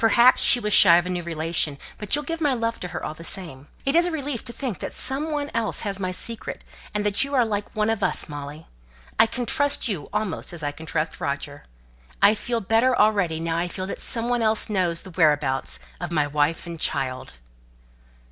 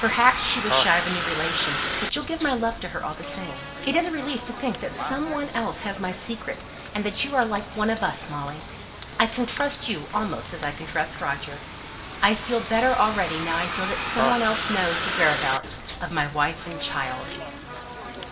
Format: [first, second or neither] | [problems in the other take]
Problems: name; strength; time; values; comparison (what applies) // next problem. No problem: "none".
first | background sound (Bus); 5 dB below the speech // room echo; dies away in 1.4 s